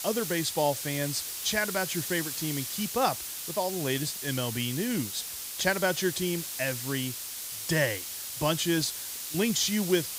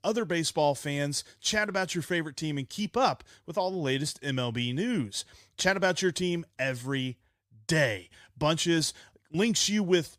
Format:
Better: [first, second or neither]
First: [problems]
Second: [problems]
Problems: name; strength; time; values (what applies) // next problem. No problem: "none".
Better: second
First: hiss; loud; throughout; 4 dB below the speech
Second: none